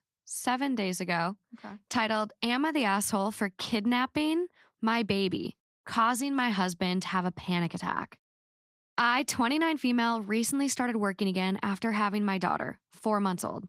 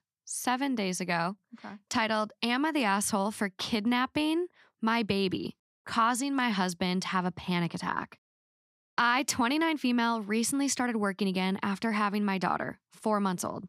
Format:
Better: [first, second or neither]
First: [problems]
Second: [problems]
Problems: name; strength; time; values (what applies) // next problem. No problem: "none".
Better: second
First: garbled, watery; slightly; nothing above 15.5 kHz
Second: none